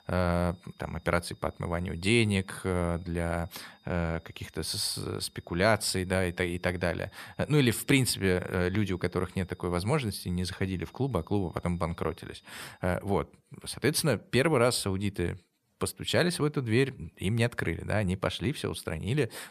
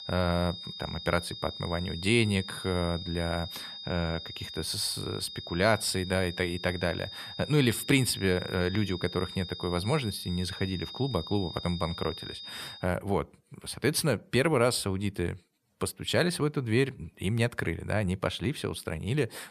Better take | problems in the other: first | high-pitched whine; loud; until 13 s; 3.5 kHz, 10 dB below the speech; faint in the first

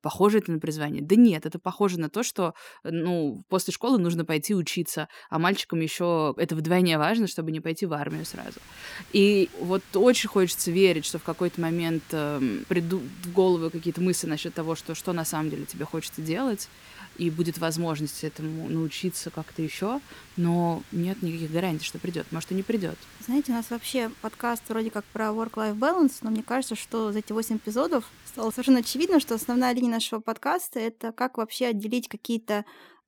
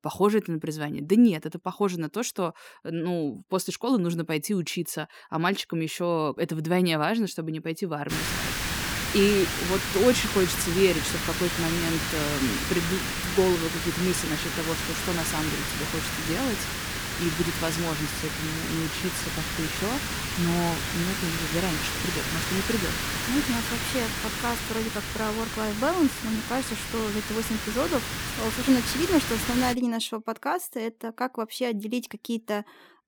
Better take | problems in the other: first | hiss; loud; from 8 to 30 s; 1 dB below the speech; faint in the first

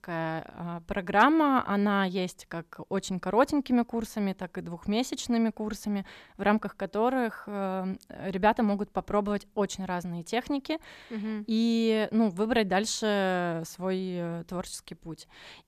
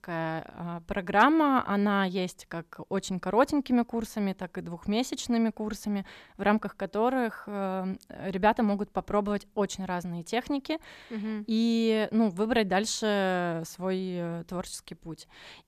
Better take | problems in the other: neither | none

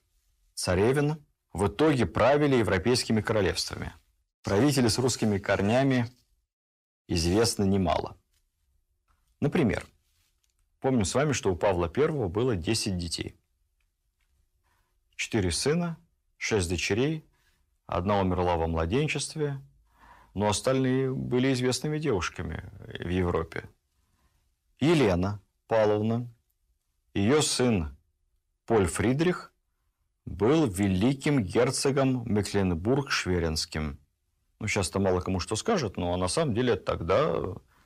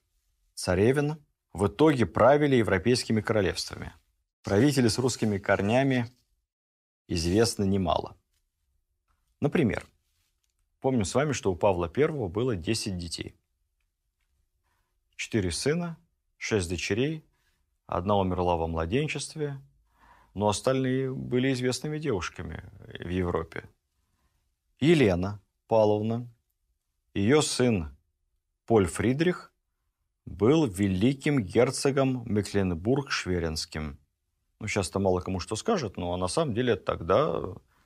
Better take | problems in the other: second | distortion; slight; 10 dB below the speech

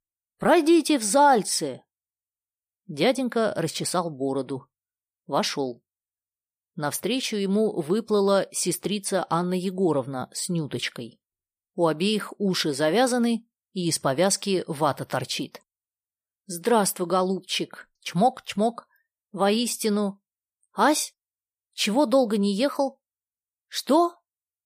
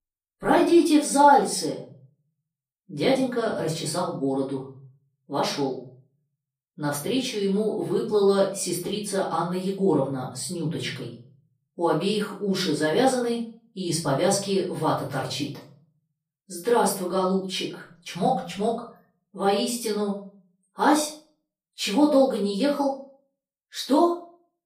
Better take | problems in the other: first | off-mic speech; far // room echo; slight; dies away in 0.5 s

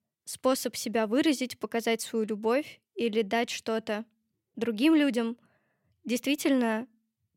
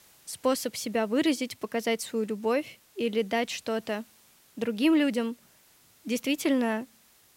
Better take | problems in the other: first | hiss; faint; throughout; 30 dB below the speech

